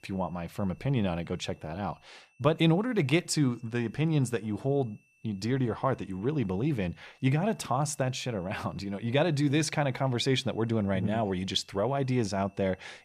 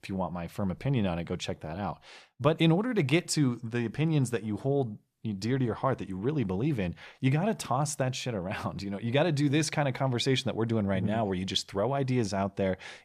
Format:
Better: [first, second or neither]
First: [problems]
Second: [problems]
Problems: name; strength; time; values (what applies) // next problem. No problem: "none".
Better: second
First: high-pitched whine; faint; throughout; 2.5 kHz, 35 dB below the speech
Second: none